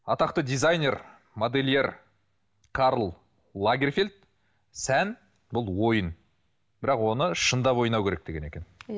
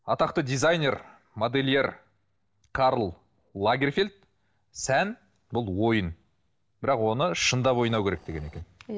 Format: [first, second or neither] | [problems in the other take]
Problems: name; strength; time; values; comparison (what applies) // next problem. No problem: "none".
first | noise reduction (neural separator model SepFormer DNS4)